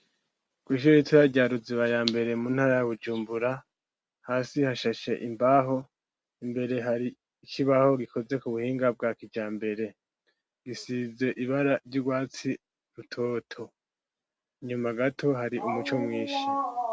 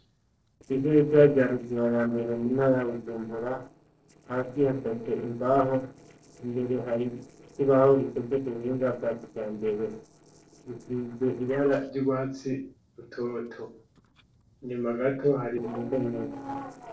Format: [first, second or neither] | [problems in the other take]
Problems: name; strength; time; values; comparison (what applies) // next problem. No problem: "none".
first | noise reduction (neural separator model SepFormer DNS4)